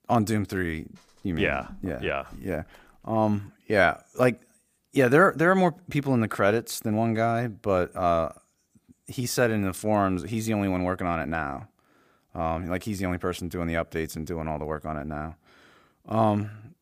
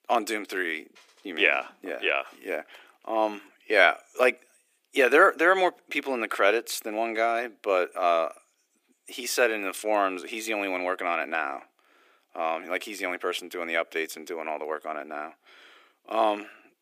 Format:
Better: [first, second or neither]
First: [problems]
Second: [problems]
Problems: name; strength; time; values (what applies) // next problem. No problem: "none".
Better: first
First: none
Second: thin; very; fading below 350 Hz